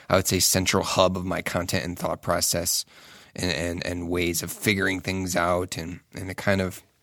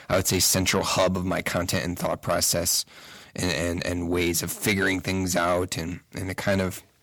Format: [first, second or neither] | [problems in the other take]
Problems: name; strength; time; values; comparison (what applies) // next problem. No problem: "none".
first | distortion; slight; 10 dB below the speech